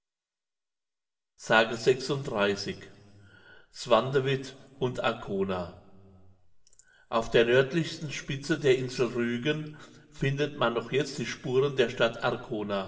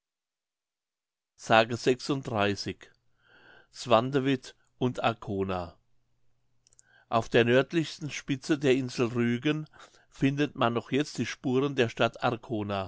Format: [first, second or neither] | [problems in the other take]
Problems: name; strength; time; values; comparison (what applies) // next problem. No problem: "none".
second | room echo; dies away in 2.5 s